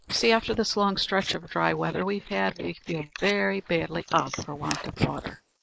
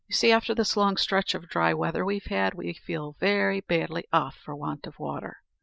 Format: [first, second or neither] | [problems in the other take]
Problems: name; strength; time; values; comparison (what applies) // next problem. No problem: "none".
second | noise reduction (neural mask model Resemble Enhance denoiser)